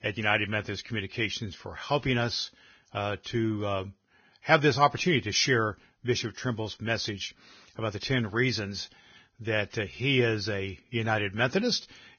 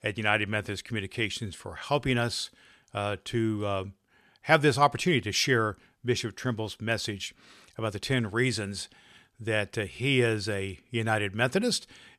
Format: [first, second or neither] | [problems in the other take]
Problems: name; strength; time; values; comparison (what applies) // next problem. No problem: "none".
second | garbled, watery; badly; nothing above 6.5 kHz